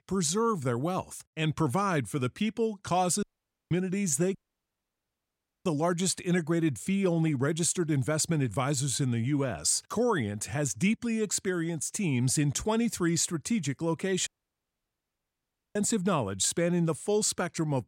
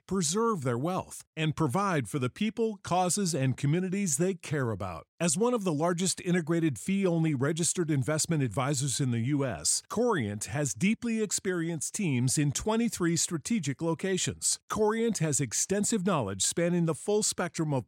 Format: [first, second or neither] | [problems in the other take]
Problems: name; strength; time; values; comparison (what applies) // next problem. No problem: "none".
second | audio cutting out; at 3 s, at 4.5 s for 1.5 s and at 14 s for 1.5 s